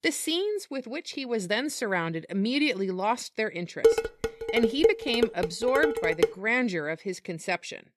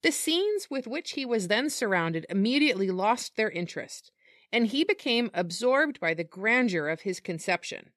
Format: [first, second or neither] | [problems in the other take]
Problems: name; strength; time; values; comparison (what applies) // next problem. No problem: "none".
second | clattering dishes; loud; from 4 to 6.5 s; peak 5 dB above the speech